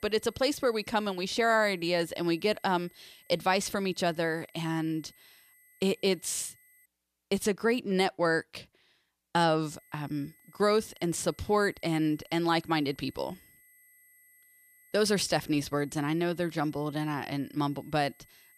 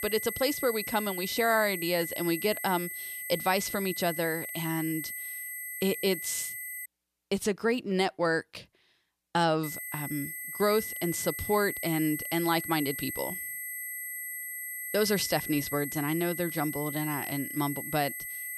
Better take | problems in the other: first | high-pitched whine; loud; until 7 s and from 9.5 s on; 2 kHz, 5 dB below the speech; faint in the first

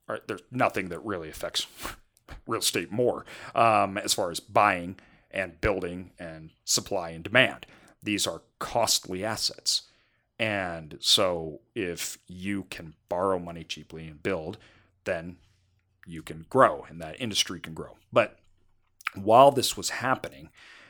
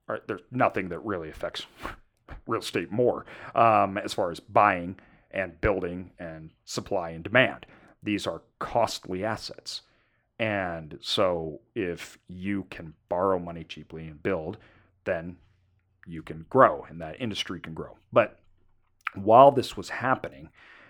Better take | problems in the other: first | muffled; slightly; fading above 3.5 kHz

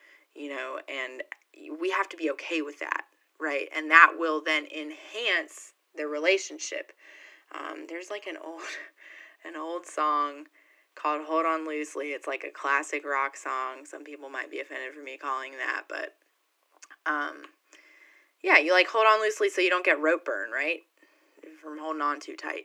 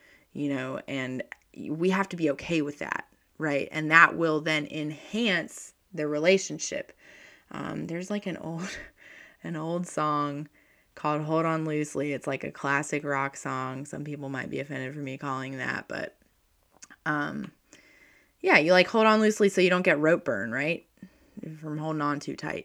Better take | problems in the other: second | thin; very; fading below 300 Hz

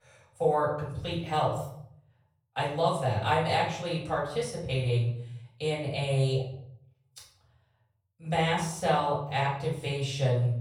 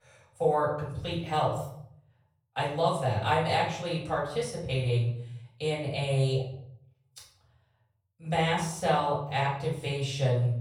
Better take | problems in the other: neither | off-mic speech; far; the same in both // room echo; noticeable; dies away in 0.6 s; the same in both

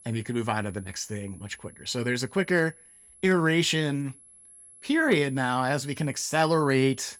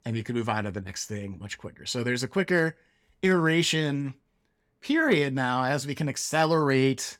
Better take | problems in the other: second | high-pitched whine; faint; throughout; 11 kHz, 25 dB below the speech

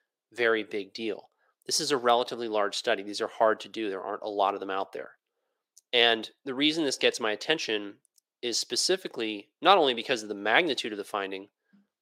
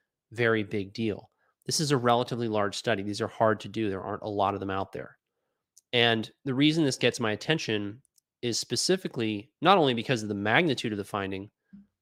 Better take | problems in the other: second | thin; somewhat; fading below 450 Hz

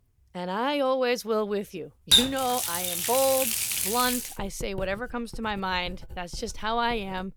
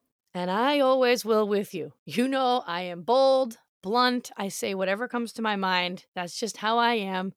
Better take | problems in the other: second | household noises; very loud; throughout; 4 dB above the speech

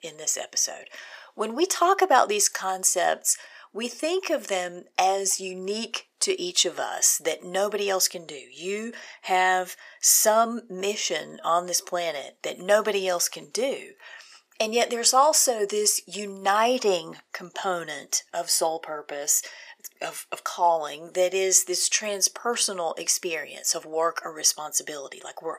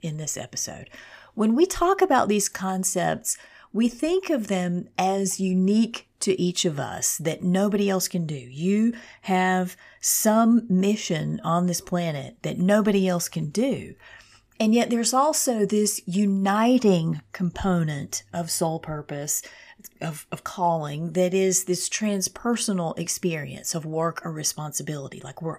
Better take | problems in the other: second | thin; very; fading below 450 Hz

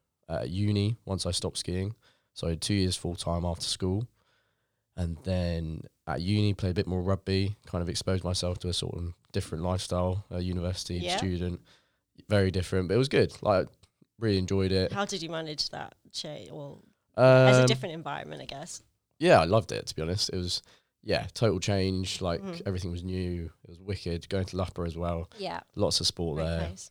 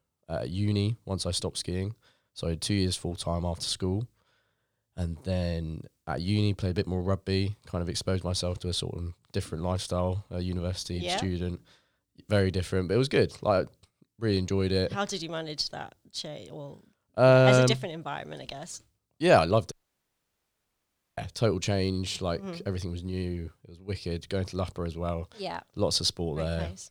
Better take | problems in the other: first | audio cutting out; at 20 s for 1.5 s

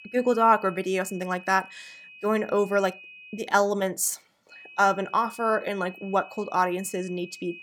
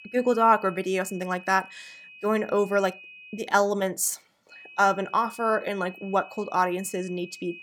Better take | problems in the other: neither | high-pitched whine; noticeable; until 3.5 s and from 4.5 s on; 2.5 kHz, 20 dB below the speech; the same in both

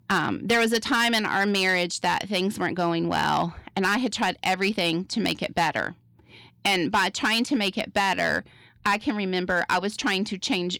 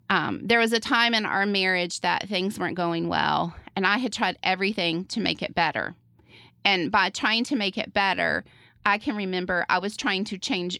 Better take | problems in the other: second | distortion; slight; 4% of the sound clipped

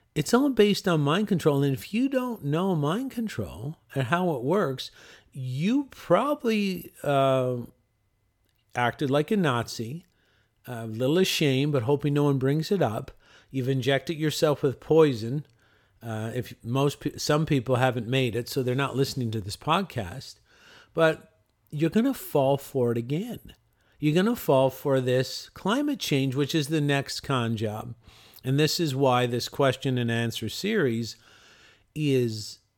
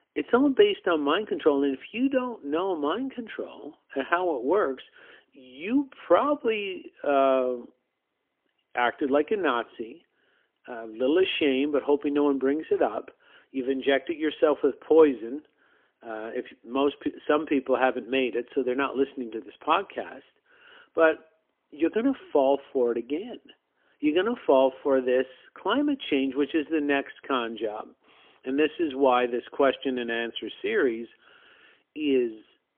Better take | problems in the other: first | phone-call audio; poor line; nothing above 3.5 kHz

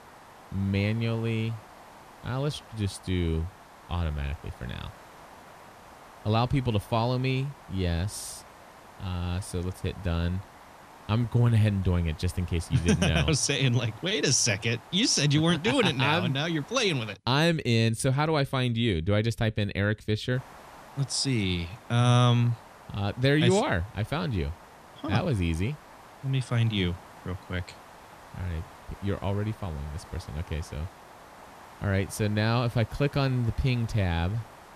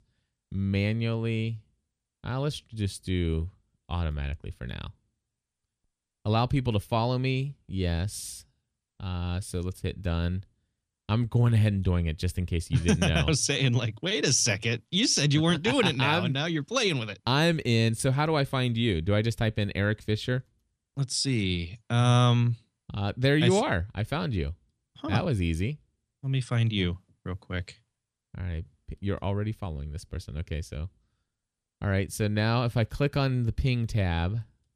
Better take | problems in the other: second | hiss; faint; until 17 s and from 20 s on; 20 dB below the speech

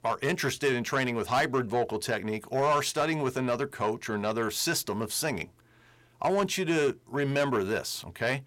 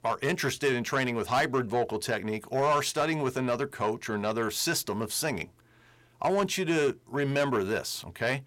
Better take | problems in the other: neither | distortion; slight; 10 dB below the speech; the same in both

